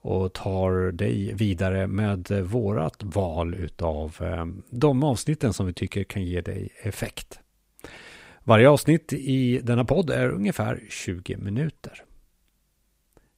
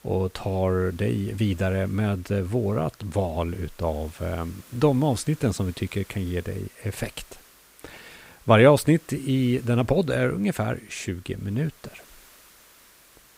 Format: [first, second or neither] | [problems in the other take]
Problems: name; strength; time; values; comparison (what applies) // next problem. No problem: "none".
first | hiss; faint; throughout; 25 dB below the speech